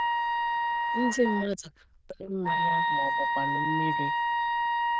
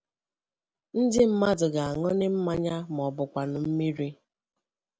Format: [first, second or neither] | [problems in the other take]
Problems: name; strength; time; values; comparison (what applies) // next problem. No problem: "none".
second | noise reduction (neural diffusion model UNIVERSE++)